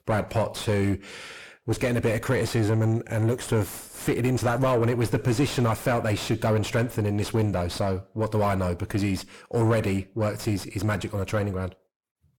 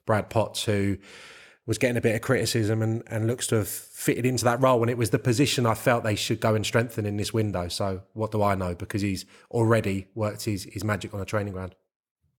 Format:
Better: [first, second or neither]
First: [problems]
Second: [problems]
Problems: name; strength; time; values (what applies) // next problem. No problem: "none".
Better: second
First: distortion; heavy; 6 dB below the speech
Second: none